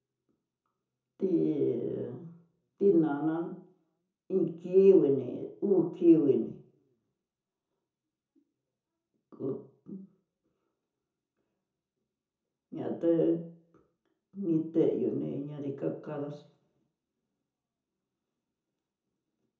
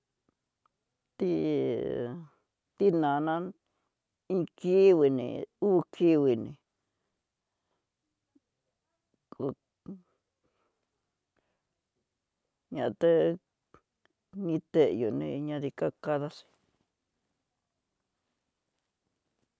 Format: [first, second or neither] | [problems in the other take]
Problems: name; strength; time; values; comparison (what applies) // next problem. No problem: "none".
second | room echo; dies away in 0.5 s